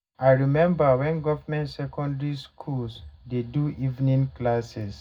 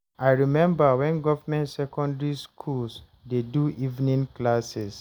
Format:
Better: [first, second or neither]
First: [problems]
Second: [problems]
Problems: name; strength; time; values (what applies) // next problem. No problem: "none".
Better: second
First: room echo; dies away in 0.3 s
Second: none